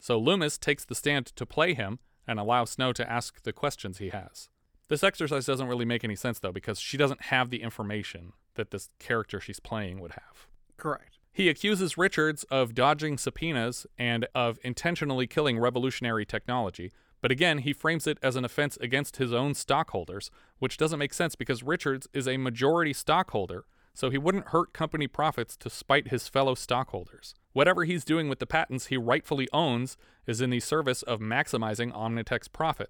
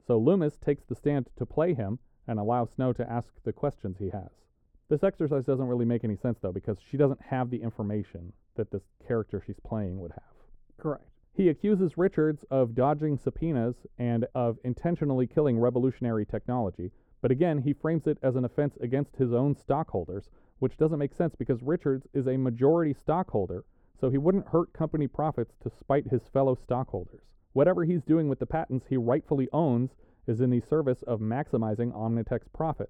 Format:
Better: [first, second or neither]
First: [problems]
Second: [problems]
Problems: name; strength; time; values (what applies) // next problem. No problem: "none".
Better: first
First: none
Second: muffled; very; fading above 1.5 kHz